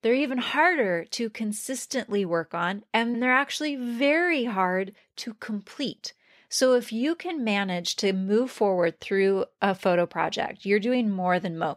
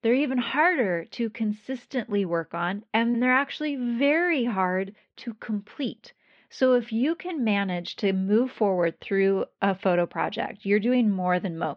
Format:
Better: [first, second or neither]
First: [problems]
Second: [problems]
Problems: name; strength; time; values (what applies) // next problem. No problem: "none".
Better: first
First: none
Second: muffled; slightly; fading above 3.5 kHz